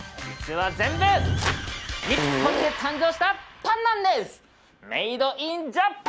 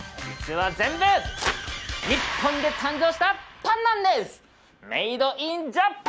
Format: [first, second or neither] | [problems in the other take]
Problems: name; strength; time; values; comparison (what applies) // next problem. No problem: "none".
second | background sound (Fart / Drawer open or close); 4 dB below the speech